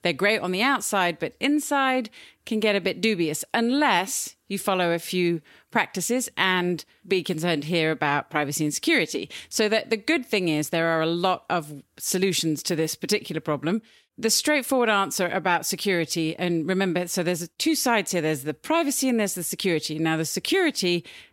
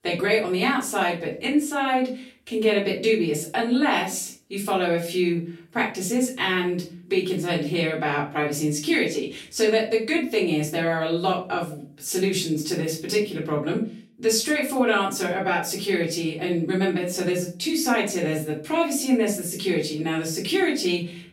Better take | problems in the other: first | room echo; slight; dies away in 0.3 s // off-mic speech; far

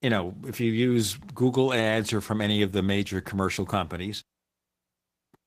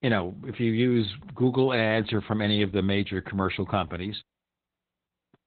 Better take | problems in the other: first | garbled, watery; badly; nothing above 4 kHz; slightly in the first

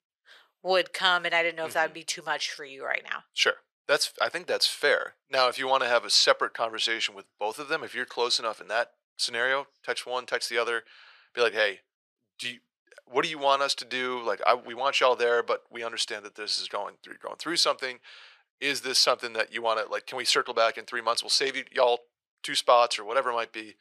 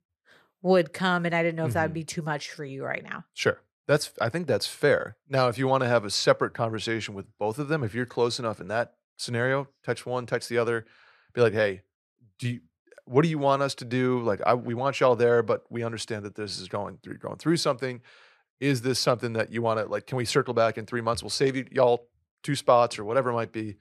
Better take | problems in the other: second | thin; very; fading below 600 Hz

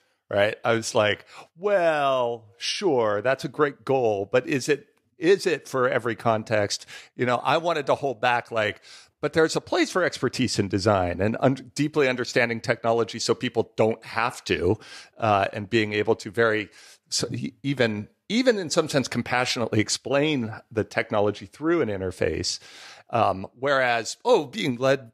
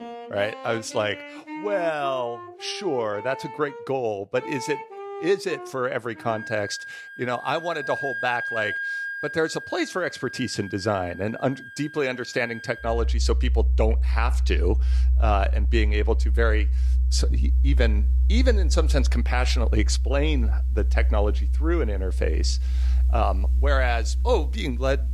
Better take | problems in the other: first | background music; very loud; throughout; 3 dB above the speech

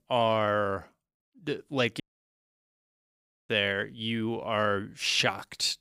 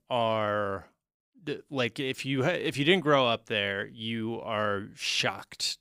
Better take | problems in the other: second | audio cutting out; at 2 s for 1.5 s

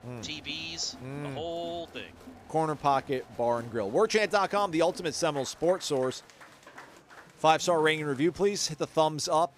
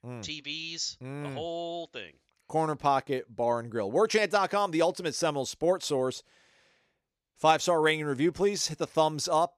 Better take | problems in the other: second | crowd noise; faint; throughout; 20 dB below the speech

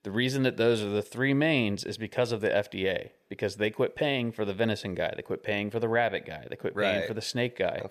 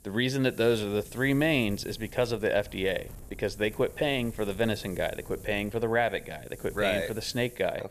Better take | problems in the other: first | wind noise on the microphone; occasional gusts; 25 dB below the speech

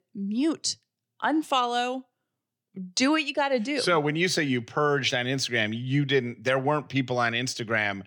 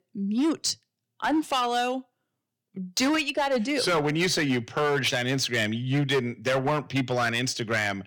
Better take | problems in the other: first | distortion; slight; 10% of the sound clipped

